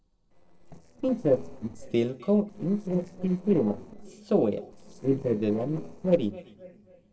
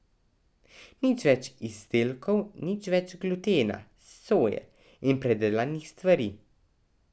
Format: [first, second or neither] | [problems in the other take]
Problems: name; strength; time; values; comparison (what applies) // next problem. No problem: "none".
second | noise reduction (neural separator model SepFormer DNS4)